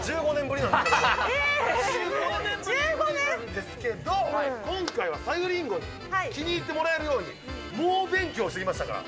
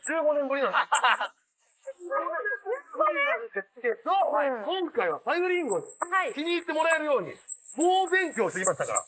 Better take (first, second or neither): first